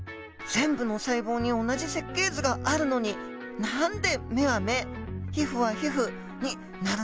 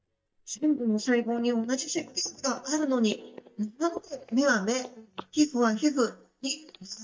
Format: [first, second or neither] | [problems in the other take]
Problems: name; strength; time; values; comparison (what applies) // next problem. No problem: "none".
first | noise reduction (neural mask model DeepFilterNet 3)